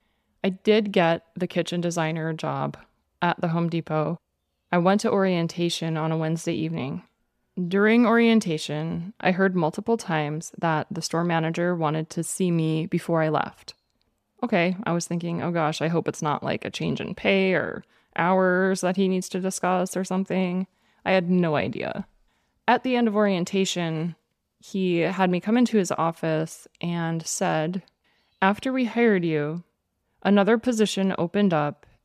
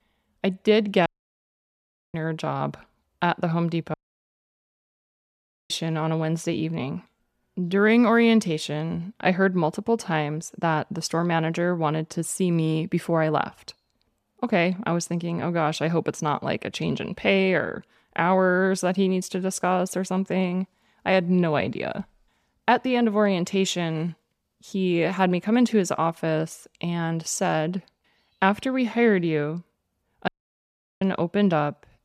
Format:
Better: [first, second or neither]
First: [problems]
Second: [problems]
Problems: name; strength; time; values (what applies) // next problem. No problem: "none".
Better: first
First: none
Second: audio cutting out; at 1 s for 1 s, at 4 s for 2 s and at 30 s for 0.5 s